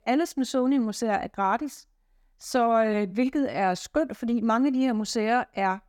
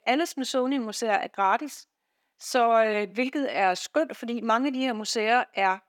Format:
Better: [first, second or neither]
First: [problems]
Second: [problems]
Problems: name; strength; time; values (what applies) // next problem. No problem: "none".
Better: first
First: none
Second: thin; very slightly; fading below 350 Hz